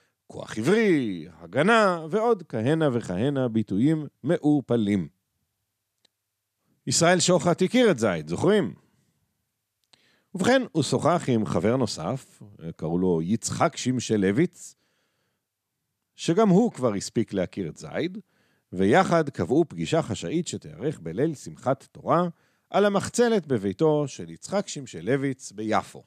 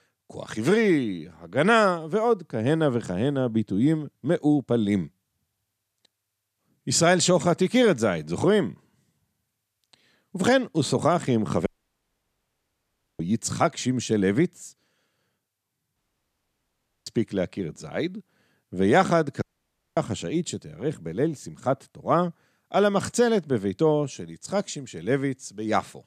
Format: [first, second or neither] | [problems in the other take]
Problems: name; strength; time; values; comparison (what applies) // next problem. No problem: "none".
first | audio cutting out; at 12 s for 1.5 s, at 16 s for 1 s and at 19 s for 0.5 s